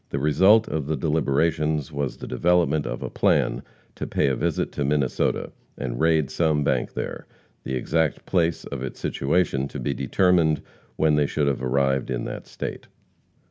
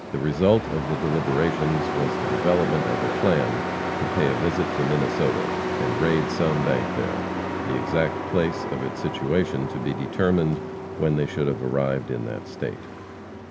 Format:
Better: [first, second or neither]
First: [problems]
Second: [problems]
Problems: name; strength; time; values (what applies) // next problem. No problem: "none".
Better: first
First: none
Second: background sound (Truck); 3 dB below the speech